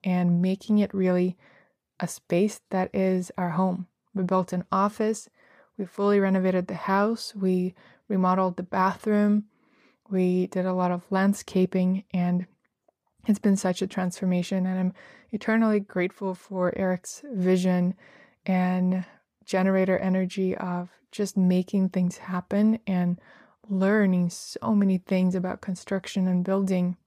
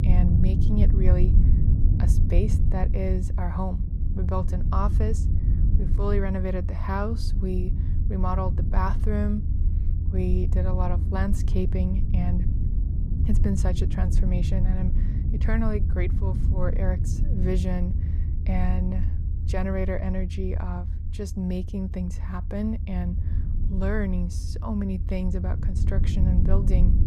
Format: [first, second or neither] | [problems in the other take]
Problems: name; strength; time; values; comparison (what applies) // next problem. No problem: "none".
first | low rumble; loud; throughout; 7 dB below the speech